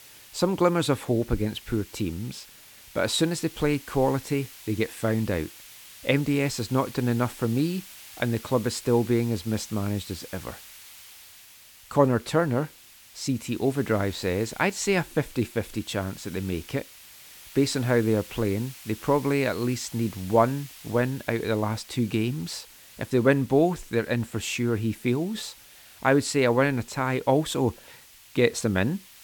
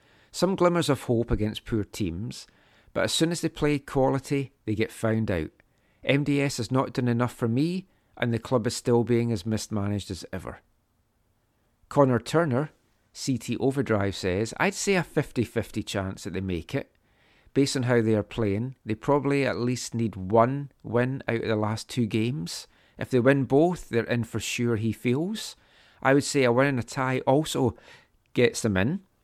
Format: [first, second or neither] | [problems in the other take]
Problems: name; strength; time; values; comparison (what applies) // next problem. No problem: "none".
second | hiss; noticeable; throughout; 20 dB below the speech